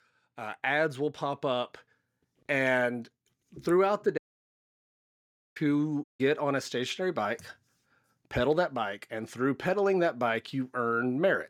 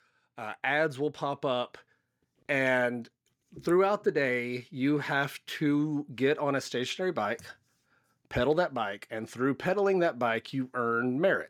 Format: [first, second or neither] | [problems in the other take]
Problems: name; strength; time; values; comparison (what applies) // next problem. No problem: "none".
second | audio cutting out; at 4 s for 1.5 s and at 6 s